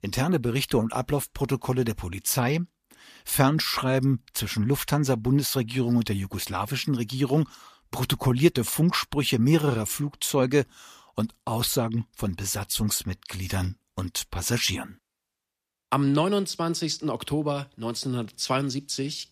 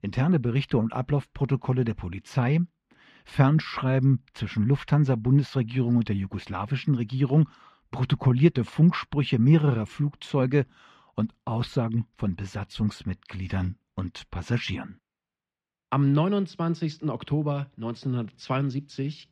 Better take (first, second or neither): first